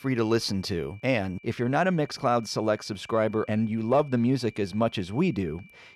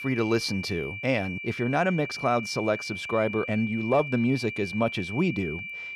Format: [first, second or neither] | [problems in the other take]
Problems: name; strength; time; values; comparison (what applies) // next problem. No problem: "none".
first | high-pitched whine; loud; throughout; 2.5 kHz, 7 dB below the speech; faint in the first